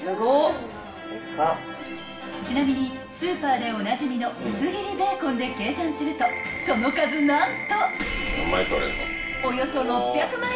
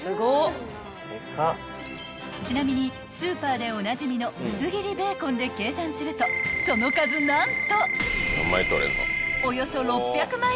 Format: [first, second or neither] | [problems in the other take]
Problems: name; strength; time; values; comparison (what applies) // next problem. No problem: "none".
second | room echo; dies away in 0.7 s